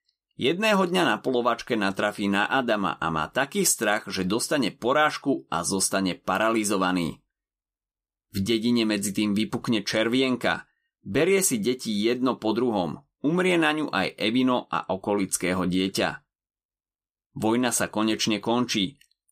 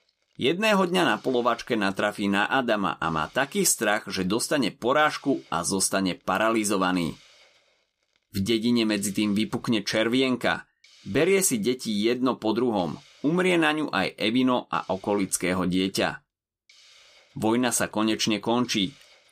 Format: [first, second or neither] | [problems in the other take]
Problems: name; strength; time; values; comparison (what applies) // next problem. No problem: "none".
first | hiss; faint; throughout; 30 dB below the speech